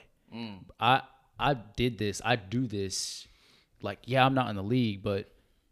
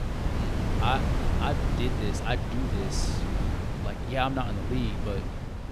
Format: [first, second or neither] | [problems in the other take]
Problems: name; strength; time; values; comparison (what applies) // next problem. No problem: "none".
first | wind noise on the microphone; heavy; 4 dB below the speech